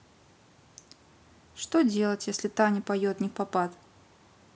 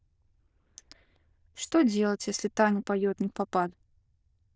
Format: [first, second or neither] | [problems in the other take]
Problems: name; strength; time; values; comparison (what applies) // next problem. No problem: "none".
first | noise reduction (neural diffusion model UNIVERSE++)